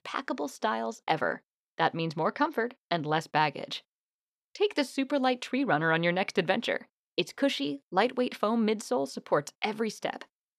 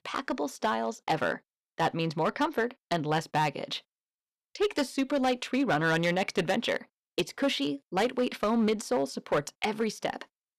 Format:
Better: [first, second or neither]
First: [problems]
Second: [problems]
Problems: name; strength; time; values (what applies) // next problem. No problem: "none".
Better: first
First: none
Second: distortion; slight; 5% of the sound clipped